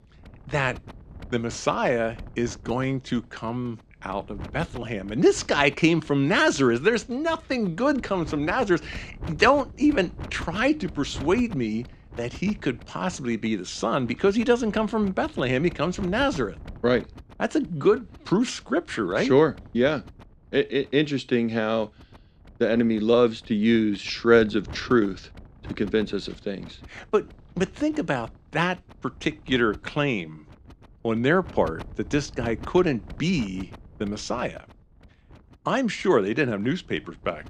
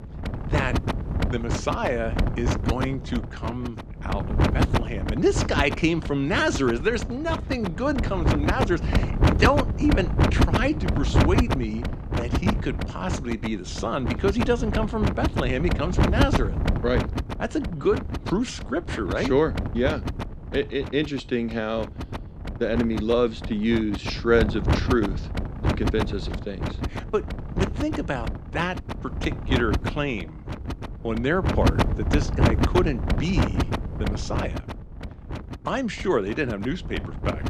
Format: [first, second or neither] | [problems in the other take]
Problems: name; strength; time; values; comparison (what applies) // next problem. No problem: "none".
first | wind noise on the microphone; heavy; 4 dB below the speech; occasional gusts in the first